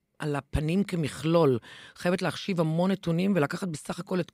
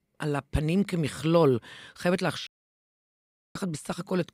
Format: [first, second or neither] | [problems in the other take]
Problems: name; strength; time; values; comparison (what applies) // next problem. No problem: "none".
first | audio cutting out; at 2.5 s for 1 s